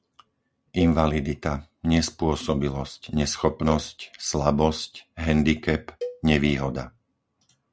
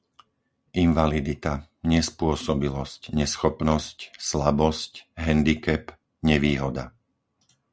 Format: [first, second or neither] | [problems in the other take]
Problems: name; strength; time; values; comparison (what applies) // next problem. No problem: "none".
second | background sound (Cowbell); 16 dB below the speech